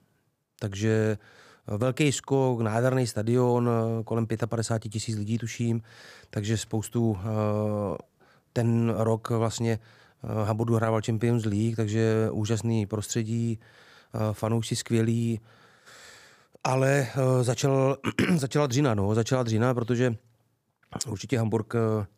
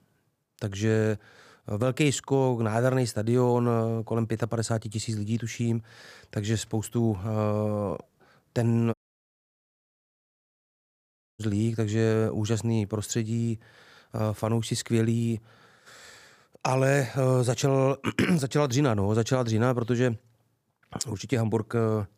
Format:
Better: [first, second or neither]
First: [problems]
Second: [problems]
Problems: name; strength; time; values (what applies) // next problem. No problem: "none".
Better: first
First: none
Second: audio cutting out; at 9 s for 2.5 s